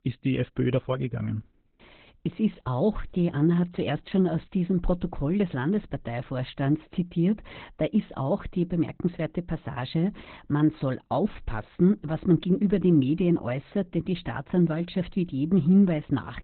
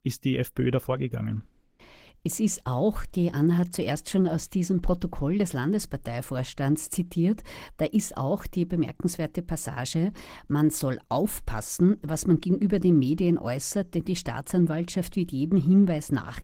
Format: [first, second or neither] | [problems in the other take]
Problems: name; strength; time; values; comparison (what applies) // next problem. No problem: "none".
second | garbled, watery; badly; nothing above 4 kHz; slightly in the second